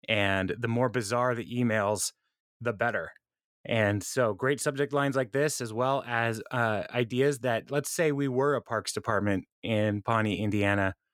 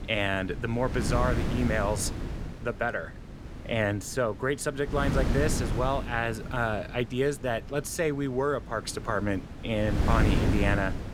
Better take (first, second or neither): first